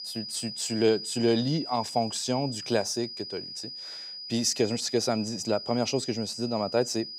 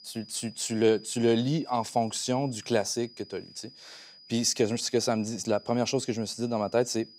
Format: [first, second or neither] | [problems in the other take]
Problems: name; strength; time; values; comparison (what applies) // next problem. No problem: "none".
second | high-pitched whine; loud; throughout; 5 kHz, 8 dB below the speech; faint in the second